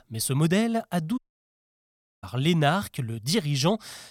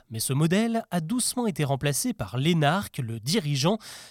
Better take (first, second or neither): second